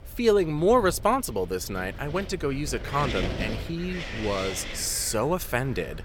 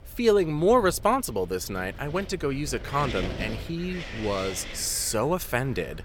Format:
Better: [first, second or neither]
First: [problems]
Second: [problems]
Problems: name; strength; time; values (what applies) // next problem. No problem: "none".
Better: second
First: wind noise on the microphone; heavy; 10 dB below the speech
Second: wind noise on the microphone; occasional gusts; 10 dB below the speech